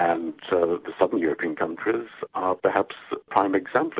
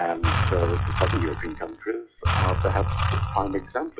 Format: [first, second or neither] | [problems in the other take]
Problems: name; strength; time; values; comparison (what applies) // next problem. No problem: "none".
first | noise reduction (classical method log-MMSE)